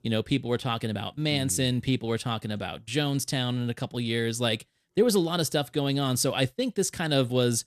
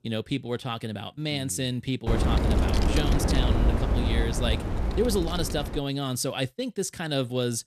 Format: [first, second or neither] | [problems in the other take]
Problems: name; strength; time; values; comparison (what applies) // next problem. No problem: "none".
first | wind noise on the microphone; heavy; from 2 to 6 s; 2 dB below the speech